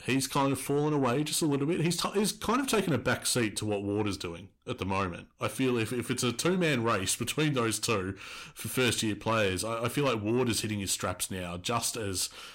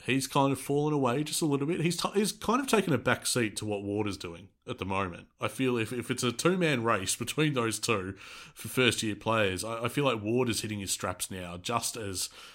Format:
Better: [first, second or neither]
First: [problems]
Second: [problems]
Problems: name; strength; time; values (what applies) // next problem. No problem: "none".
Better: second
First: distortion; slight; 10 dB below the speech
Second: none